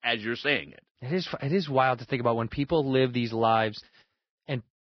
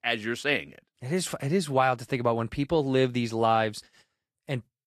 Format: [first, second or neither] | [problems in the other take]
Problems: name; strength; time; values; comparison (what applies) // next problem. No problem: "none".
second | garbled, watery; badly; nothing above 5.5 kHz; slightly in the second